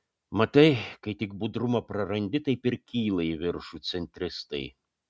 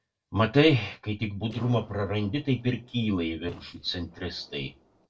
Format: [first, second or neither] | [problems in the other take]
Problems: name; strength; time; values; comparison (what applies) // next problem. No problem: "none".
first | noise reduction (neural separator model SepFormer DNS4)